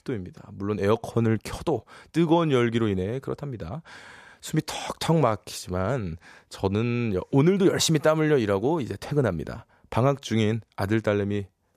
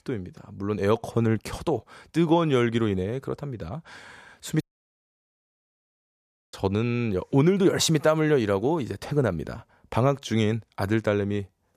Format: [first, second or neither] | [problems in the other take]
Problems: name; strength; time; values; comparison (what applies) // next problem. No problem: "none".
first | audio cutting out; at 4.5 s for 2 s